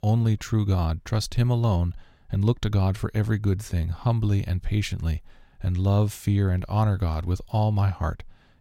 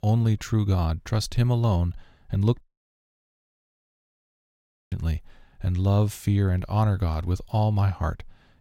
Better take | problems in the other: first | audio cutting out; at 2.5 s for 2.5 s

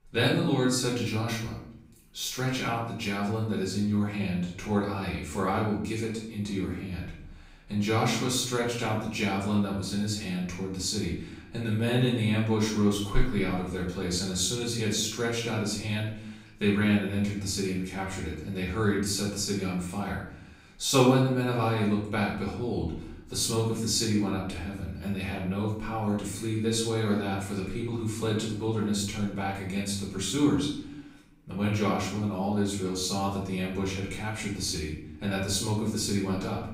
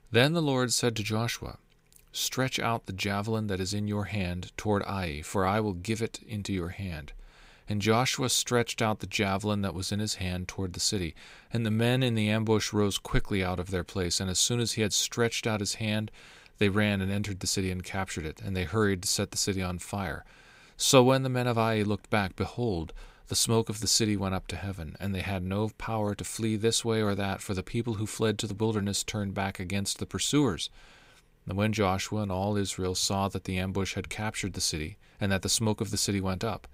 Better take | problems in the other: second | room echo; noticeable; dies away in 0.7 s // off-mic speech; far

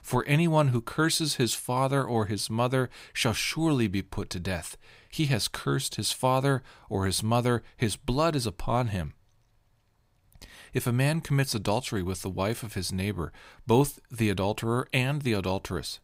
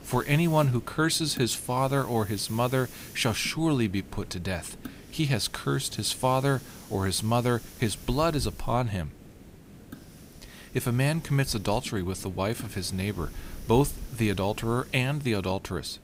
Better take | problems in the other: first | hiss; noticeable; throughout; 15 dB below the speech

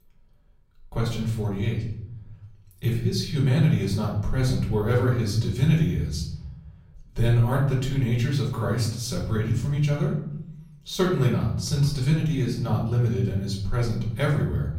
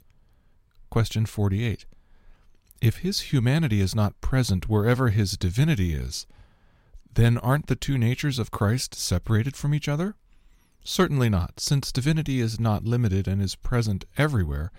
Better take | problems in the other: second | off-mic speech; far // room echo; noticeable; dies away in 0.8 s

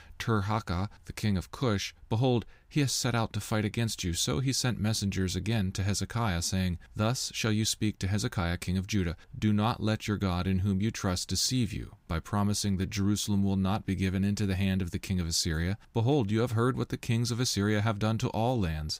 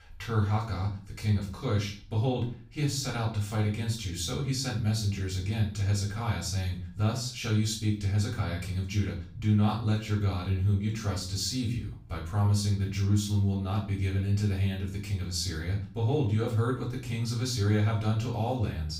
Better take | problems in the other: first | off-mic speech; far // room echo; slight; dies away in 0.4 s

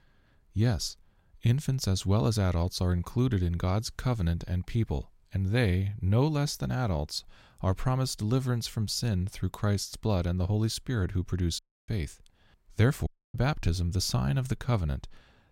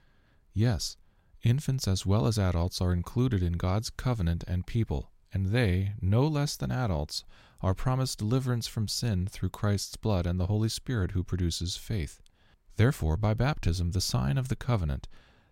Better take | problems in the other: second | audio cutting out; at 12 s and at 13 s

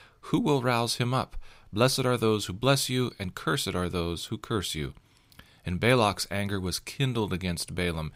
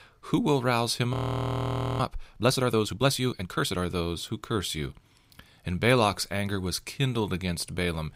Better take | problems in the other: first | audio freezing; at 1 s for 1 s

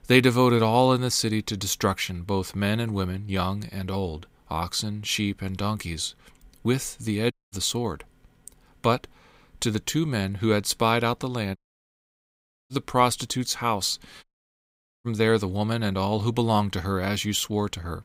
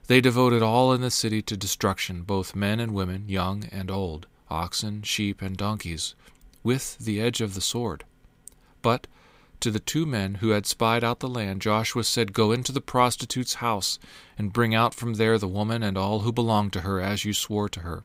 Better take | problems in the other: second | audio cutting out; at 7.5 s, at 12 s for 1 s and at 14 s for 1 s

